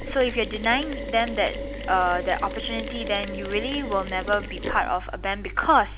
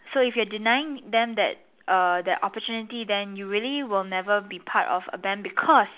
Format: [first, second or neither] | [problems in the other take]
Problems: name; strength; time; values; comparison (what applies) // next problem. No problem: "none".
second | background sound (Mechanisms); 8 dB below the speech